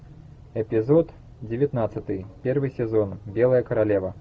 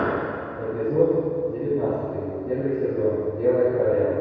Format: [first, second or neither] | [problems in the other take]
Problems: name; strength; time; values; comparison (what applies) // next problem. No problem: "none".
first | room echo; dies away in 2.2 s